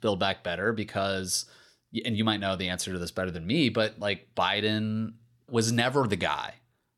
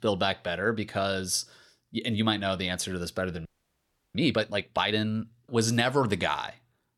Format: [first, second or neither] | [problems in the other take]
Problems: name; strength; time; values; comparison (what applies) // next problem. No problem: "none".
first | audio freezing; at 3.5 s for 0.5 s